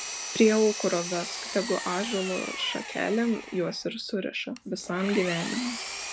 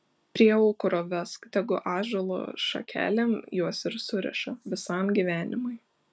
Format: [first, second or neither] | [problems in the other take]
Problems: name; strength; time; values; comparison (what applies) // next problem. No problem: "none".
second | background sound (Engine); 9 dB below the speech